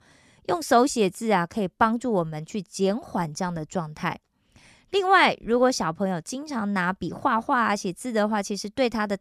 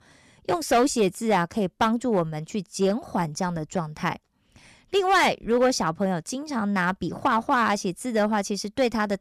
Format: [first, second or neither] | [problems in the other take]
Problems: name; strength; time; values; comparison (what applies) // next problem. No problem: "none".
first | distortion; slight; 3% of the sound clipped